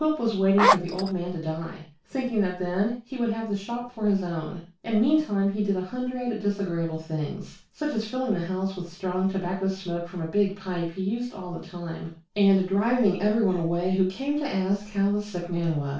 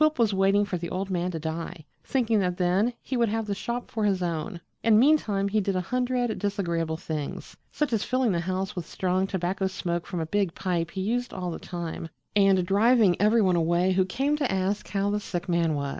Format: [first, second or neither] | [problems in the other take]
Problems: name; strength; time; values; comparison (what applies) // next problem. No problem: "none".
second | background sound (Zipper (clothing)); 4 dB above the speech // room echo; dies away in 0.3 s